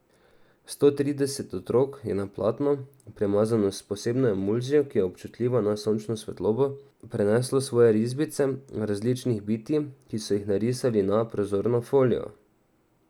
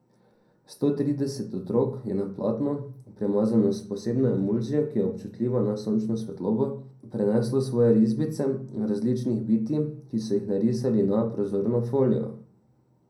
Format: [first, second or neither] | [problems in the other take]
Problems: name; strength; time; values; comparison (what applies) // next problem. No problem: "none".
first | room echo; dies away in 0.6 s